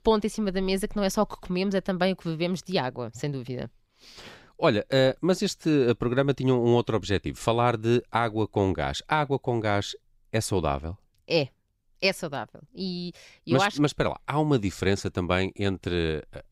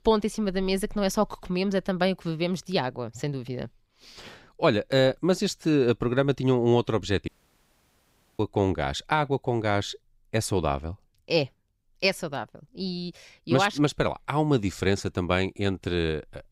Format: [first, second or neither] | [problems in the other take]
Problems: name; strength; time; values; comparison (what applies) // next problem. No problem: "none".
first | audio cutting out; at 7.5 s for 1 s